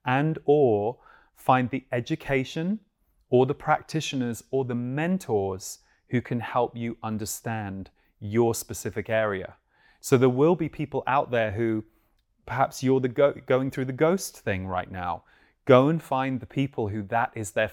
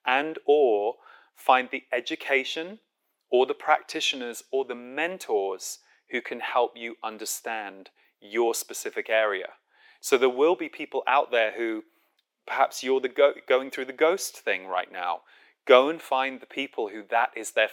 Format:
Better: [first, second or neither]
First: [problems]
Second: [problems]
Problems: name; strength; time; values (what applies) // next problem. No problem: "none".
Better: first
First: none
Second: thin; somewhat; fading below 350 Hz